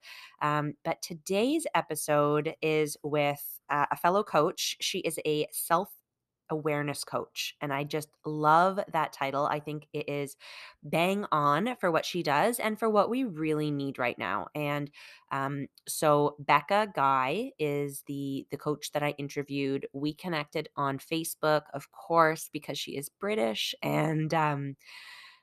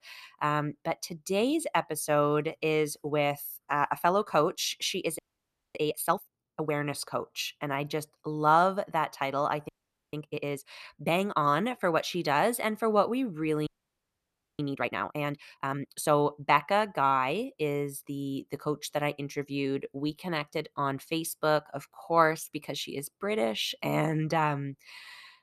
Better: first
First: none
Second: audio freezing; at 5 s for 0.5 s, at 9.5 s and at 14 s for 1 s

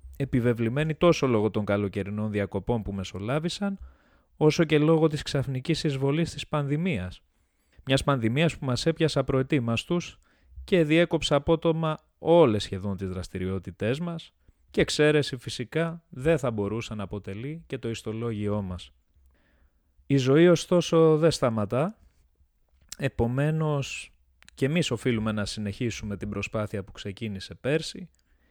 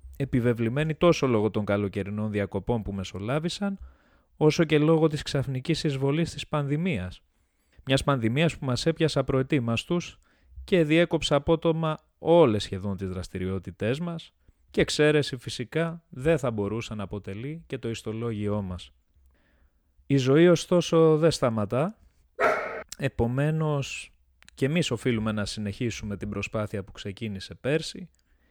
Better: first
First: none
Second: dog barking; loud; at 22 s; peak 1 dB above the speech

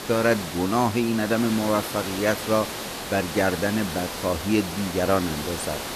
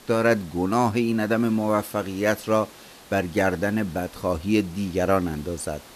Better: second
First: hiss; loud; throughout; 7 dB below the speech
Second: hiss; faint; throughout; 20 dB below the speech

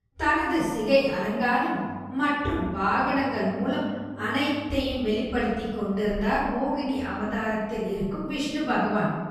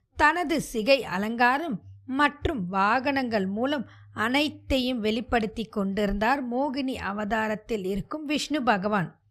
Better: second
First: room echo; strong; dies away in 1.5 s // off-mic speech; far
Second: none

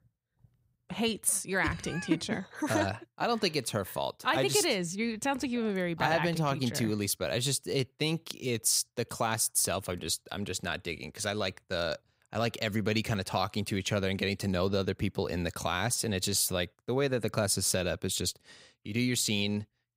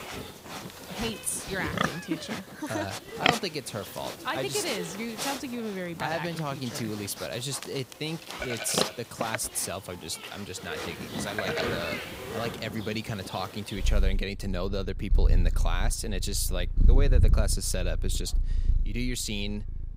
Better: first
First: none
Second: animal sounds; very loud; throughout; 1 dB above the speech

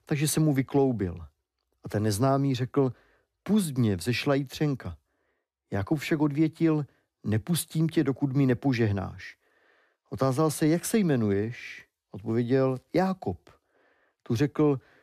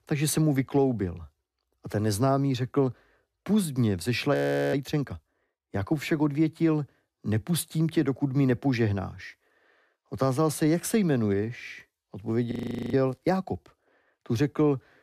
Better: first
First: none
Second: audio freezing; at 4.5 s and at 13 s

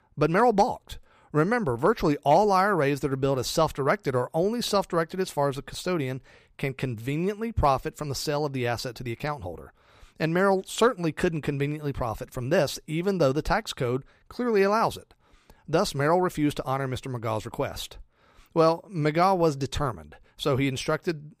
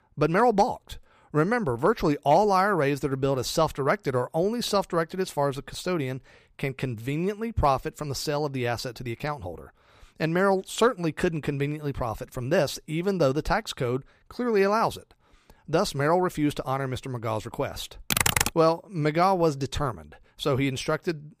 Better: first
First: none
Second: keyboard typing; loud; at 18 s; peak 4 dB above the speech

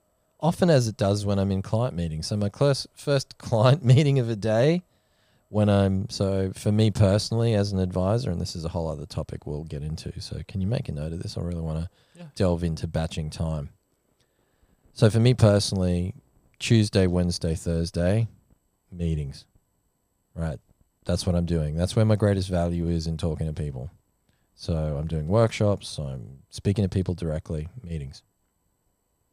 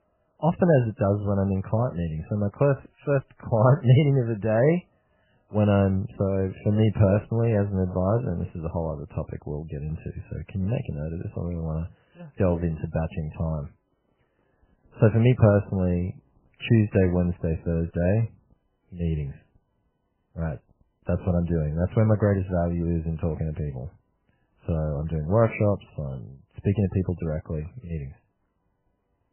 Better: first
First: none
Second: garbled, watery; badly; nothing above 3 kHz

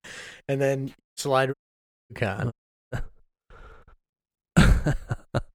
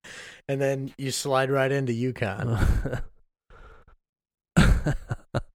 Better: second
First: audio cutting out; at 1 s, at 1.5 s for 0.5 s and at 2.5 s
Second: none

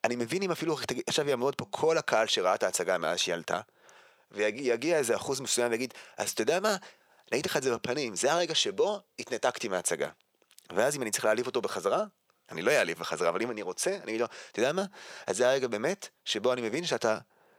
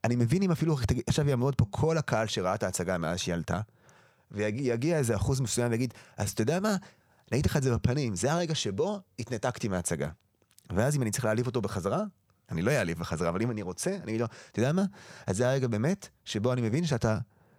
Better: second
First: thin; somewhat; fading below 450 Hz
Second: none

